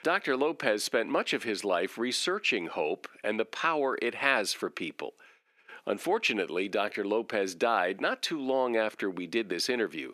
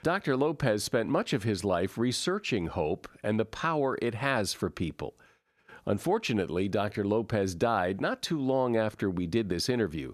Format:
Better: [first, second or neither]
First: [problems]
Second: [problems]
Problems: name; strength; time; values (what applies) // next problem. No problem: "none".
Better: second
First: thin; somewhat; fading below 300 Hz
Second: none